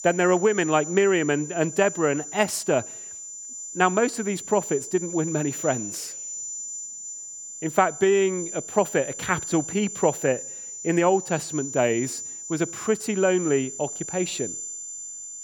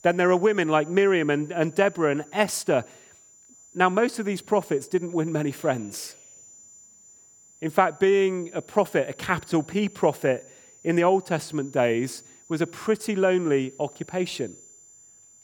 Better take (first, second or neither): second